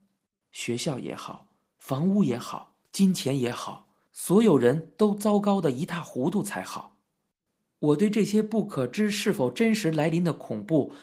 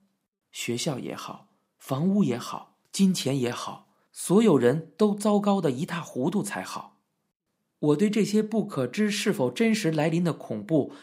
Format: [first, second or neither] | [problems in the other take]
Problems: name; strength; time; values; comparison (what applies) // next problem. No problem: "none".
second | garbled, watery; slightly; nothing above 15.5 kHz